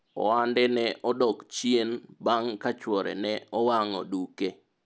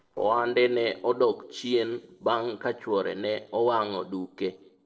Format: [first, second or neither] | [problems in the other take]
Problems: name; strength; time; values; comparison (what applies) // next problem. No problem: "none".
first | noise reduction (neural separator model SepFormer DNS4)